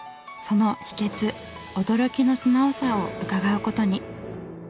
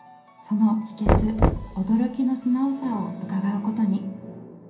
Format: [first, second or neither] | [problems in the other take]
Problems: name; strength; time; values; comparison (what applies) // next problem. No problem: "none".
first | background sound (Knock); 1 dB below the speech // room echo; dies away in 0.6 s